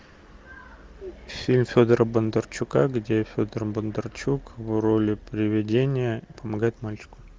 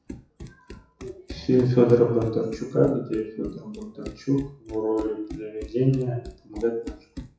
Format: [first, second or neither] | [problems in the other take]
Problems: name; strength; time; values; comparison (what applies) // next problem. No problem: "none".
first | noise reduction (classical method WPE with log-MMSE)